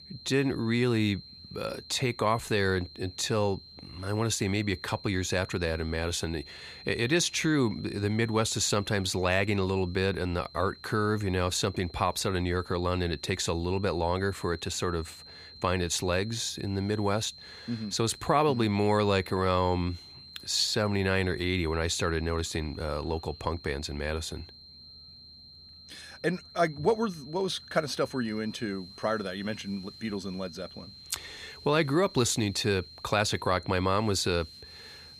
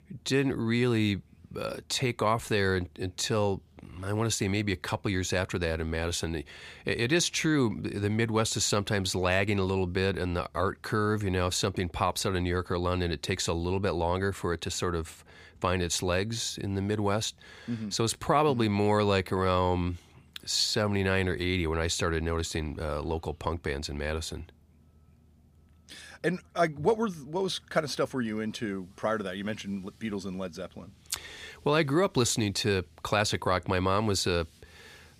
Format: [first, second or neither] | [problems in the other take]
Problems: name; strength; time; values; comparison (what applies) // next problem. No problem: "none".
second | high-pitched whine; noticeable; throughout; 4 kHz, 20 dB below the speech